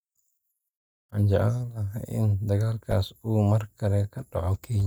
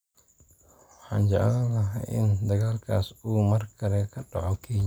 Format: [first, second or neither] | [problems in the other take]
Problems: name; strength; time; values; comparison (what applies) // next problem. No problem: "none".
second | noise reduction (neural mask model DeepFilterNet 3)